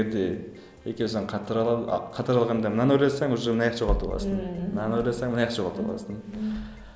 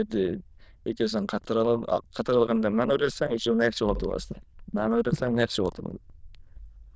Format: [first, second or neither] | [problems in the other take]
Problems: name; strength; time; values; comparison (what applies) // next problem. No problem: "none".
first | noise reduction (neural diffusion model UNIVERSE++)